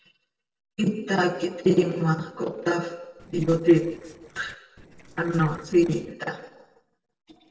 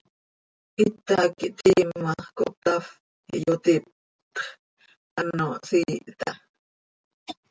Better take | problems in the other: second | noise reduction (neural separator model SepFormer DNS4)

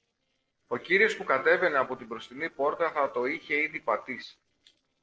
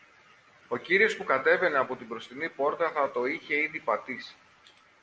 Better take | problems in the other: second | noise reduction (neural separator model SepFormer DNS4)

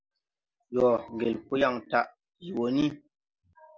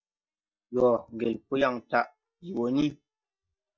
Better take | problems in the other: first | noise reduction (neural mask model DeepFilterNet 3)

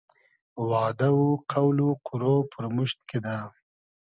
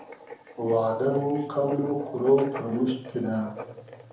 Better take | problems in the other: first | background sound (Writing); 15 dB below the speech // room echo; dies away in 2.7 s

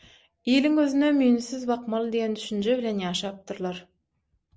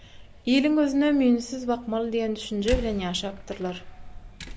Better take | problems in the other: first | background sound (Slam); 13 dB below the speech

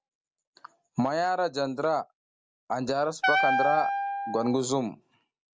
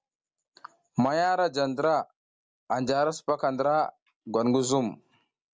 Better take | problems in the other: second | background sound (Wind instrument, woodwind instrument); 2 dB above the speech

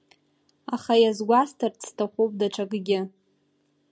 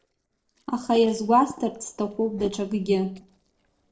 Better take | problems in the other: first | noise reduction (neural separator model SepFormer DNS4)

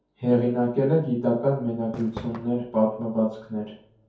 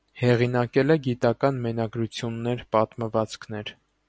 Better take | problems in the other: second | background sound (Fireworks); 16 dB below the speech // room echo; dies away in 0.6 s

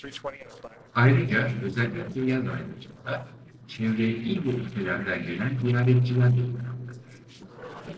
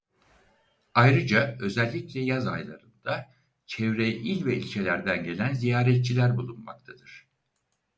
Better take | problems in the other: second | noise reduction (neural separator model SepFormer DNS4)

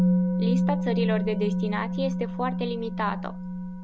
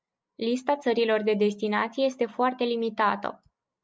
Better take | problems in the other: second | background sound (Musical instrument); 5 dB above the speech

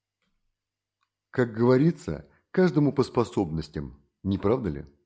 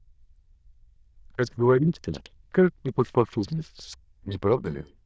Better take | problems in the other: first | noise reduction (neural diffusion model UNIVERSE++)

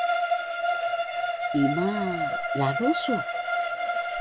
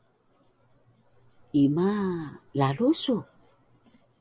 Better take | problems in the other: second | background sound (Bowed string instrument); 3 dB above the speech

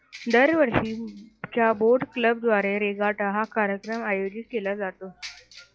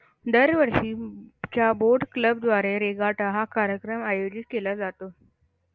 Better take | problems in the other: second | noise reduction (classical method log-MMSE)

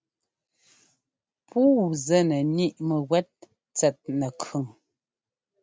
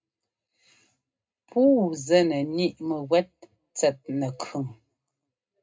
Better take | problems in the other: first | room echo; dies away in 0.2 s

